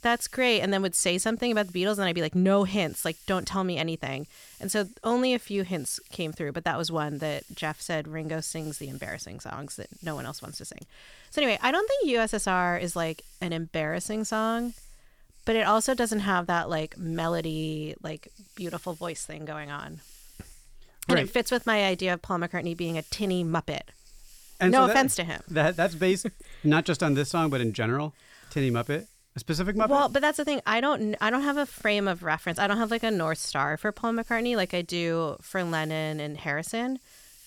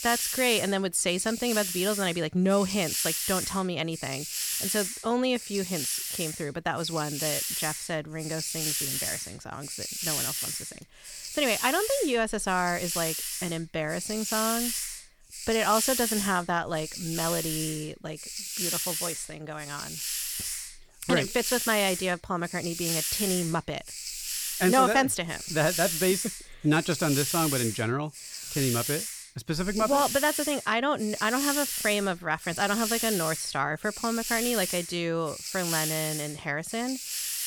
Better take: first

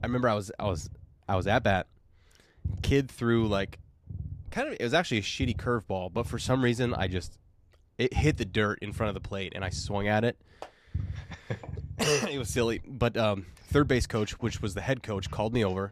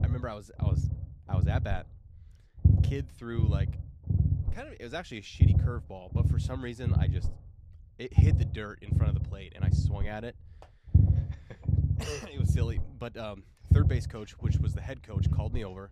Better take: first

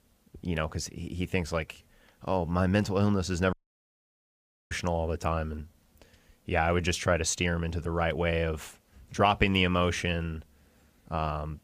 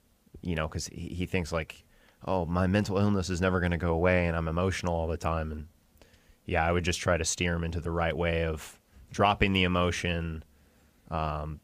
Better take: second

